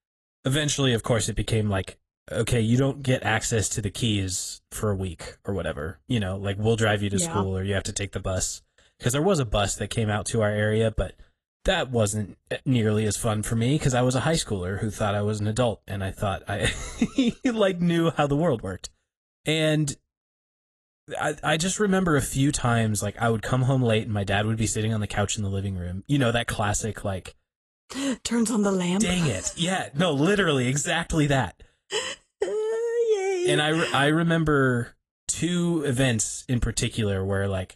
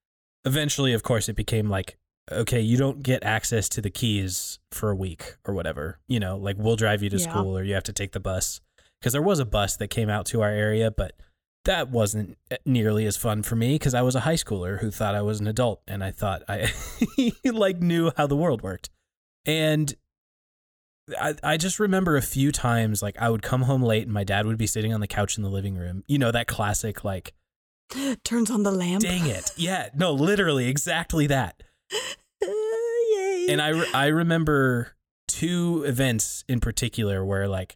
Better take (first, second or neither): second